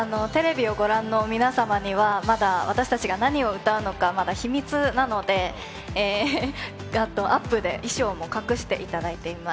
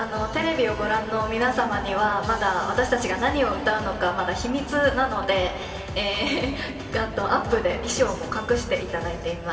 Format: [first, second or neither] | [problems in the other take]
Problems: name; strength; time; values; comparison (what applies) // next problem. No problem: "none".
first | room echo; dies away in 2.7 s